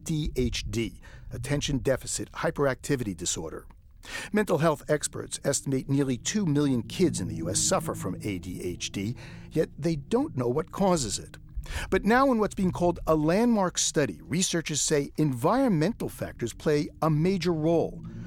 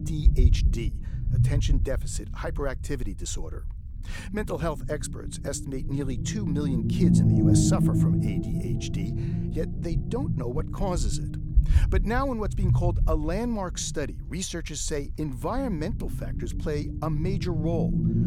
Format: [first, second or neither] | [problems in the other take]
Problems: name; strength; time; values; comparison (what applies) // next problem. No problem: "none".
first | low rumble; loud; throughout; 3 dB below the speech; faint in the first